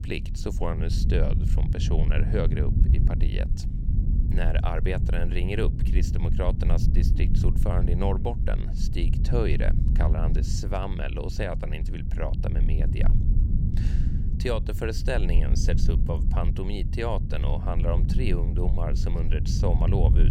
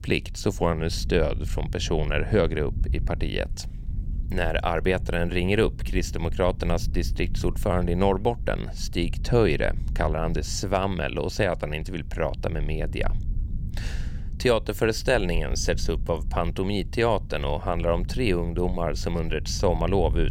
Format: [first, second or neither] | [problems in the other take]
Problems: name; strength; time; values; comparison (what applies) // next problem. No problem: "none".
second | low rumble; loud; throughout; 7 dB below the speech; faint in the second